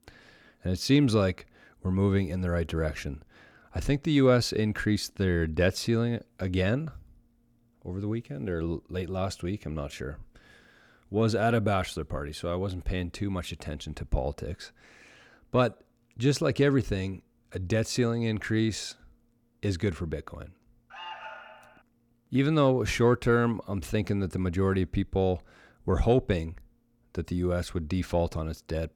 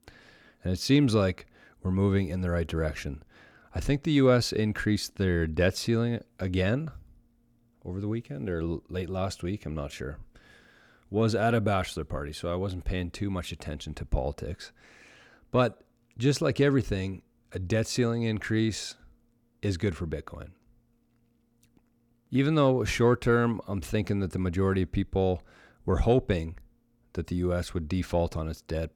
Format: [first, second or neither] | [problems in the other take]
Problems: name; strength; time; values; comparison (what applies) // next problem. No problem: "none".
second | alarm; faint; at 21 s; peak 10 dB below the speech